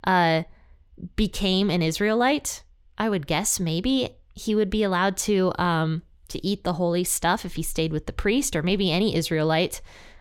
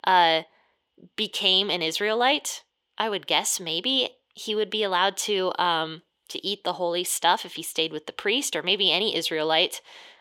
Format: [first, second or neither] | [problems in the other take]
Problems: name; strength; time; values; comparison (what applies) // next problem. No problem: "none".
first | thin; somewhat; fading below 400 Hz